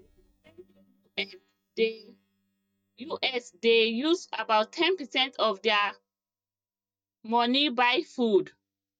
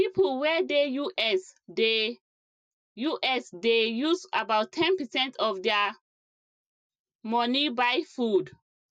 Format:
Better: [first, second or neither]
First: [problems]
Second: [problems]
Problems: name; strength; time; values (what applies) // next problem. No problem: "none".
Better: second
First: noise reduction (neural mask model DeepFilterNet 3)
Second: none